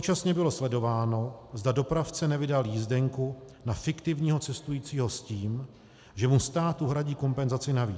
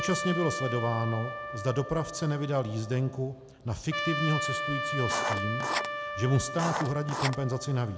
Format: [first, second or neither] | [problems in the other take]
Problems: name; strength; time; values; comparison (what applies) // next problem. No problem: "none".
first | background sound (Writing + Trumpet); 4 dB below the speech